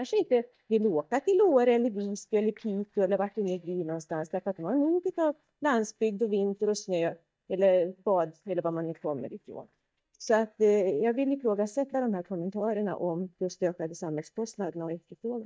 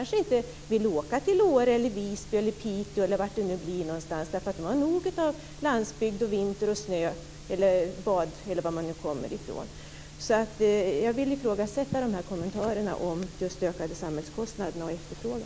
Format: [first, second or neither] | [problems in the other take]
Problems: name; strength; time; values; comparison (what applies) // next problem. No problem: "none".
second | noise reduction (neural mask model DeepFilterNet 3)